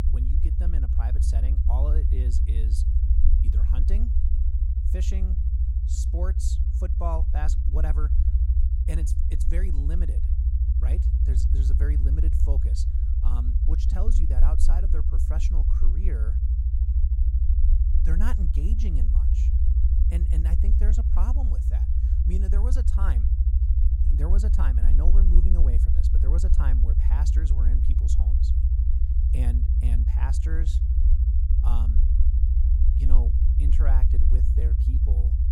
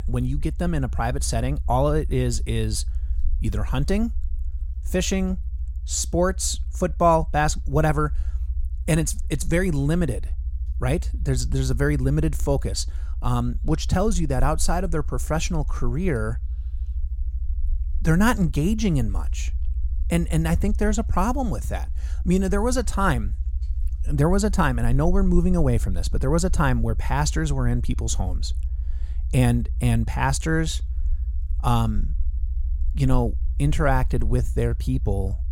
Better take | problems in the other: second | low rumble; loud; throughout; 1 dB below the speech; faint in the second

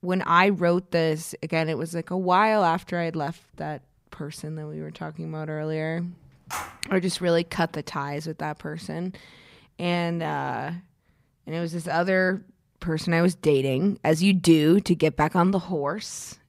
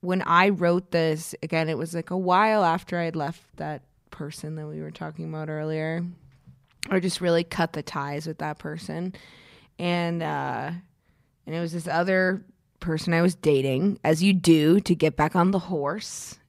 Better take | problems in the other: second | phone ringing; noticeable; at 6.5 s; peak 9 dB below the speech

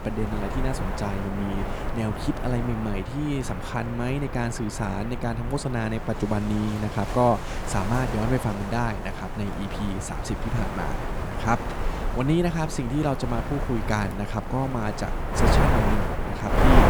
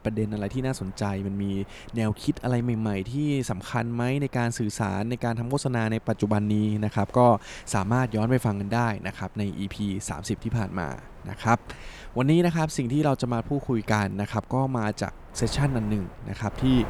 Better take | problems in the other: second | wind noise on the microphone; heavy; 1 dB below the speech; occasional gusts in the second

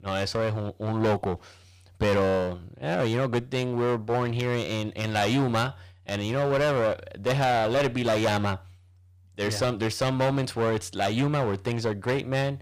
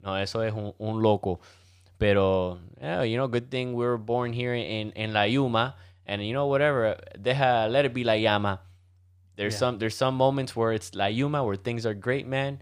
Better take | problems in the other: second | distortion; heavy; 14% of the sound clipped

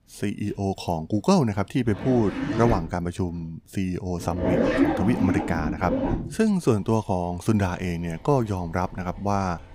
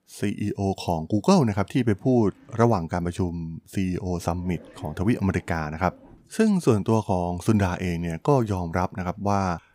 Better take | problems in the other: second | household noises; loud; throughout; 1 dB below the speech; faint in the second

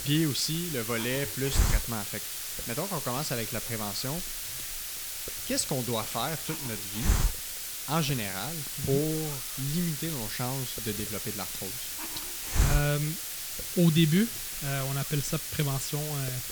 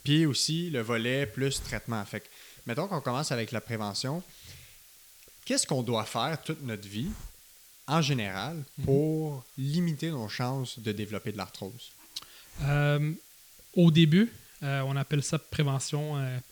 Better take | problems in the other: second | hiss; loud; throughout; 1 dB below the speech; faint in the second

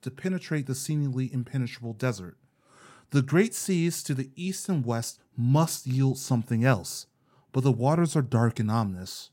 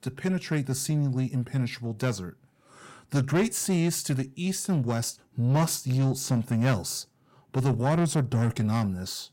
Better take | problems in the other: first | distortion; slight; 10 dB below the speech

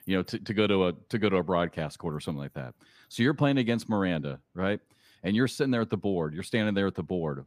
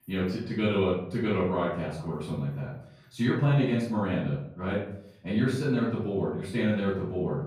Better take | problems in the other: first | room echo; noticeable; dies away in 0.6 s // off-mic speech; far

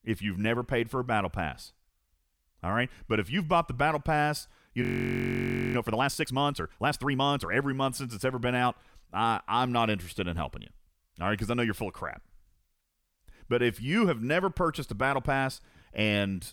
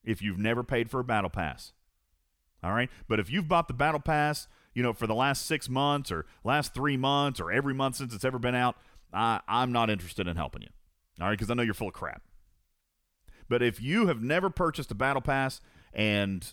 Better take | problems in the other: second | audio freezing; at 5 s for 1 s

